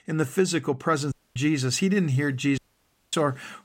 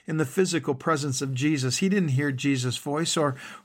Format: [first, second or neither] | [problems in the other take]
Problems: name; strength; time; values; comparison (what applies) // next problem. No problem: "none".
second | audio cutting out; at 1 s and at 2.5 s for 0.5 s